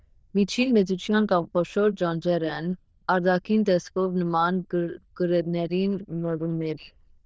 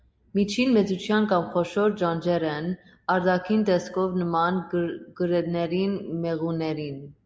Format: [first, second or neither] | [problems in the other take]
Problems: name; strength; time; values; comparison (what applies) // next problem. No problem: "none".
second | noise reduction (neural diffusion model UNIVERSE++)